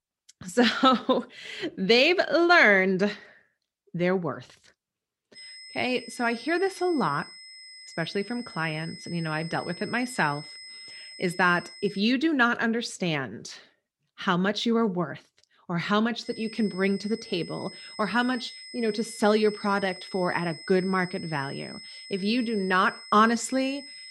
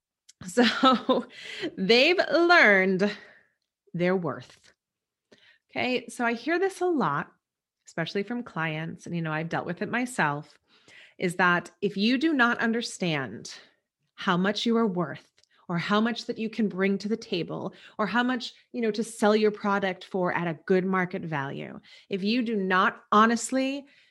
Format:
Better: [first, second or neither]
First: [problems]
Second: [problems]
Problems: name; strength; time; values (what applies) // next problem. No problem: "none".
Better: second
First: high-pitched whine; noticeable; from 5.5 to 12 s and from 16 s on; 5 kHz, 15 dB below the speech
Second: none